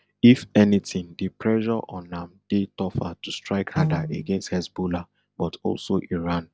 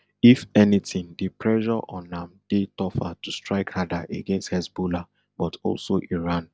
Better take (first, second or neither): second